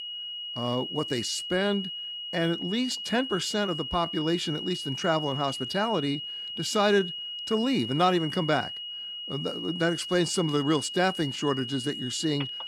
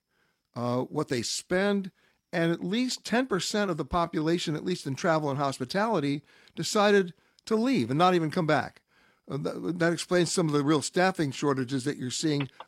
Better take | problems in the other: second | high-pitched whine; loud; throughout; 3 kHz, 6 dB below the speech

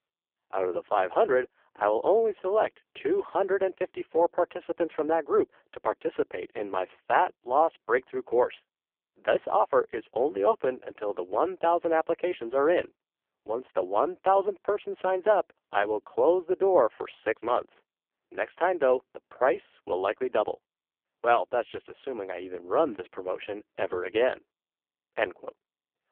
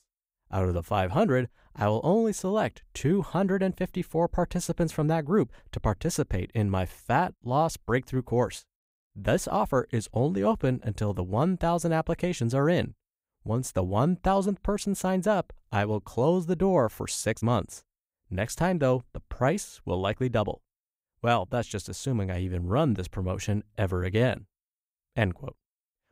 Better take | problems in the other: second | phone-call audio; poor line

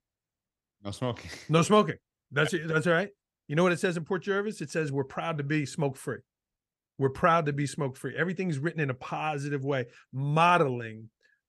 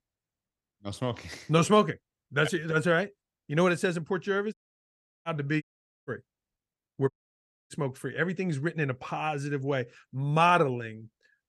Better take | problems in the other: first | audio cutting out; at 4.5 s for 0.5 s, at 5.5 s and at 7 s for 0.5 s

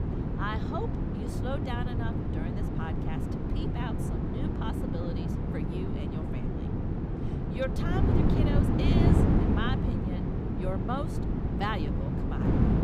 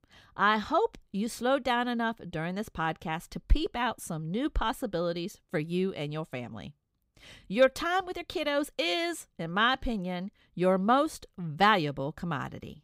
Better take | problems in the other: second | wind noise on the microphone; heavy; 2 dB above the speech

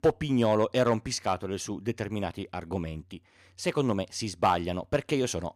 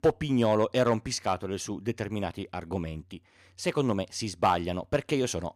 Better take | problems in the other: neither | none

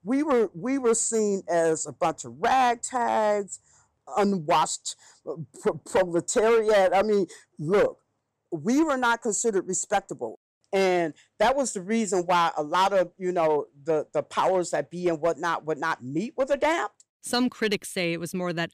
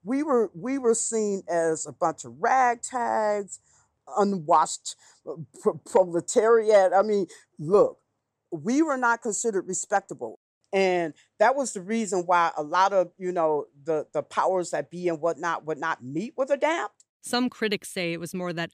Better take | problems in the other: second | distortion; slight; 6% of the sound clipped

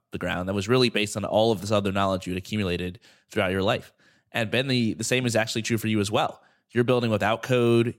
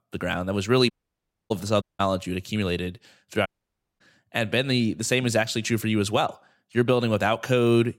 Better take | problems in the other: first | audio cutting out; at 1 s for 0.5 s, at 2 s and at 3.5 s for 0.5 s

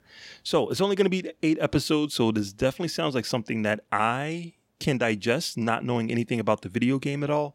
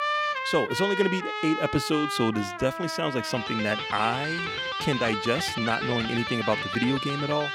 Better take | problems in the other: first | background music; loud; throughout; 2 dB below the speech

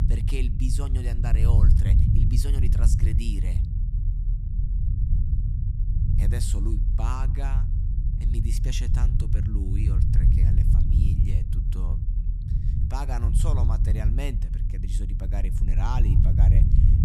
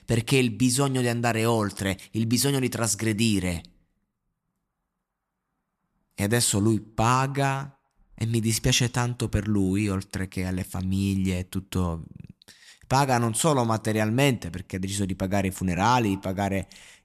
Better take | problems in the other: second | low rumble; loud; throughout; 1 dB below the speech

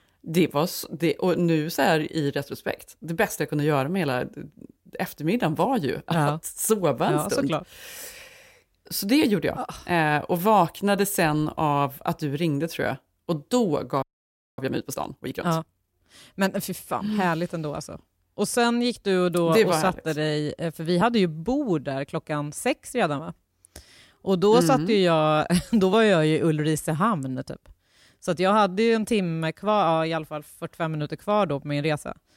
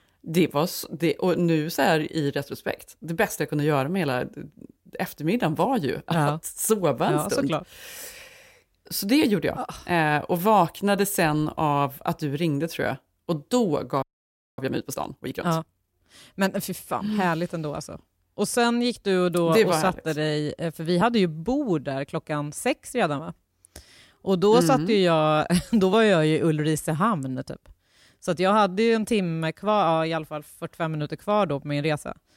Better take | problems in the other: neither | audio freezing; at 14 s for 0.5 s; the same in both

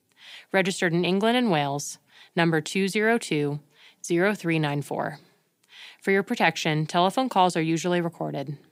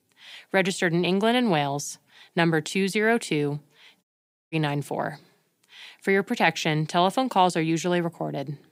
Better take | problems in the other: first | audio cutting out; at 4 s

